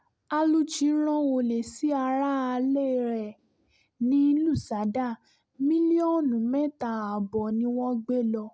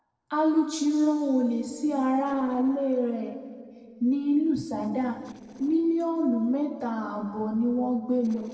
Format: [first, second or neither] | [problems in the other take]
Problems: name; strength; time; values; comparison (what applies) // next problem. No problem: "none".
first | noise reduction (neural separator model SepFormer DNS4)